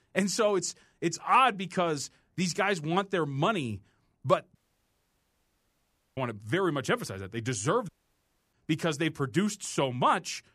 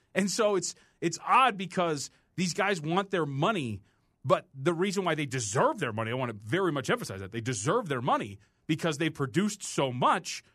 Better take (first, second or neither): second